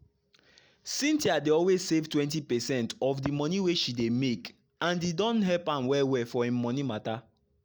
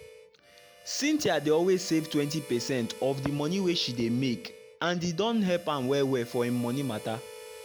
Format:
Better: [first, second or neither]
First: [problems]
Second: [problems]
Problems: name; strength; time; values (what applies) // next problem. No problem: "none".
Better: first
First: none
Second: background sound (Harmonica); 17 dB below the speech